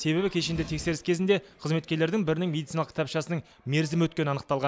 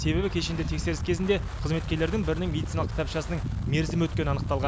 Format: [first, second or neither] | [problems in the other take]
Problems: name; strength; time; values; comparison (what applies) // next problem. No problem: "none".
first | background sound (Wind); 2 dB below the speech